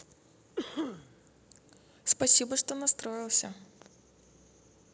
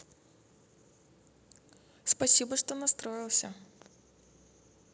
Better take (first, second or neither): second